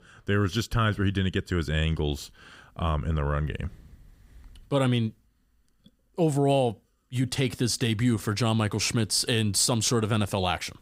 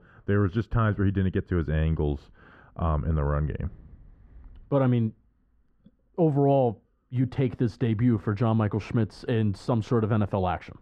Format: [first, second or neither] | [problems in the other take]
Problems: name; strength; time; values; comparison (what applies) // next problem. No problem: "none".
first | muffled; very; fading above 3.5 kHz